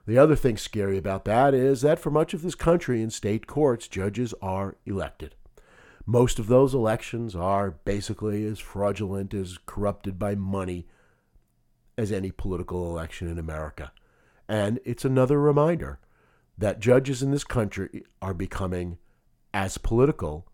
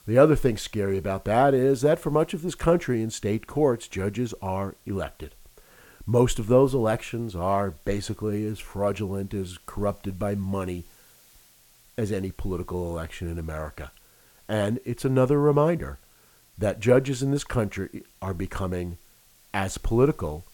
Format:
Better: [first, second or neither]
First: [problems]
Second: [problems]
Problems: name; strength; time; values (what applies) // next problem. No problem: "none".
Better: first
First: none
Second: hiss; faint; throughout; 30 dB below the speech